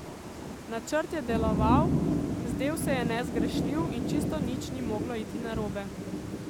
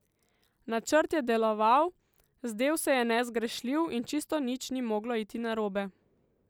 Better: second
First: background sound (Thunder / Rain); 3 dB above the speech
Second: none

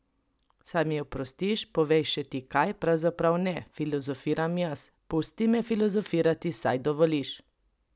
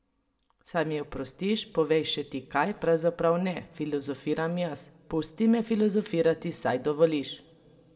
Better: first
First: none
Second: room echo; dies away in 2.2 s

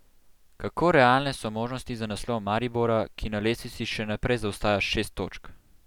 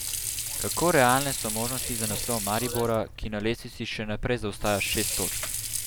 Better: first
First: none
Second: background sound (Sink (filling or washing) / Water); 4 dB below the speech

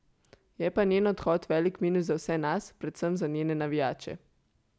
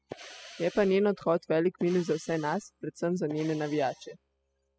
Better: first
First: none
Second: noise reduction (classical method spectral subtraction)

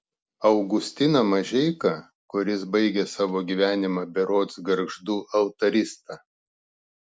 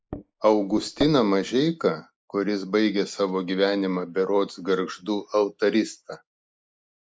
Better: first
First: none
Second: noise reduction (neural mask model Resemble Enhance denoiser)

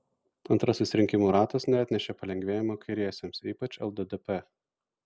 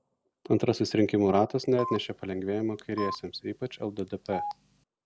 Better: first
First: none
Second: background sound (Telephone); 11 dB below the speech

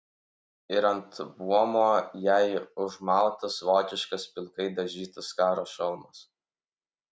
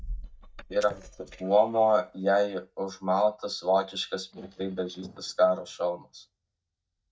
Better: first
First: none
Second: noise reduction (neural mask model DeepFilterNet 3)

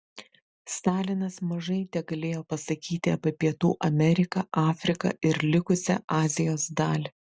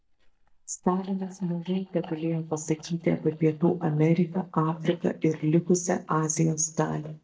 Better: first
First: none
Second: noise reduction (neural mask model DeepFilterNet 3)

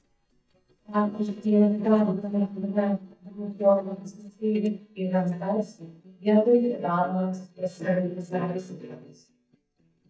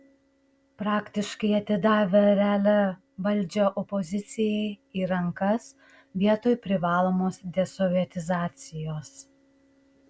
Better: second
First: noise reduction (neural mask model DeepFilterNet 3)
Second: none

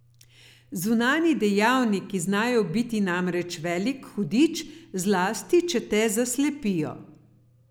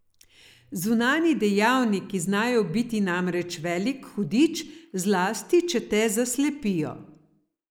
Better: first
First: none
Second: noise reduction (neural mask model Resemble Enhance denoiser)

